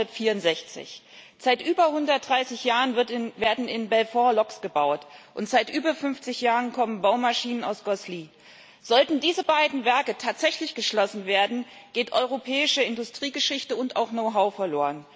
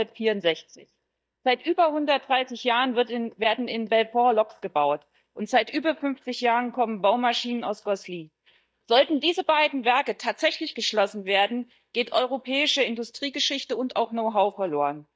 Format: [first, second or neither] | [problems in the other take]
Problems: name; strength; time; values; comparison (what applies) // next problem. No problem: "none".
first | noise reduction (neural mask model DeepFilterNet 3)